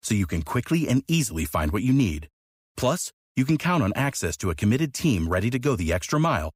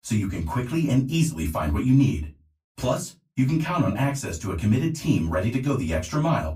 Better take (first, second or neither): first